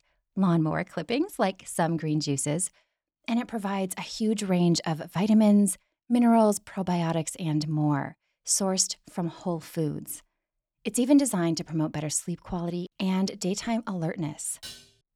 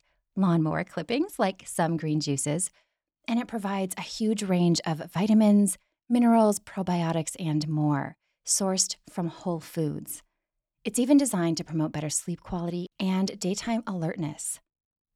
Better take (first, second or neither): second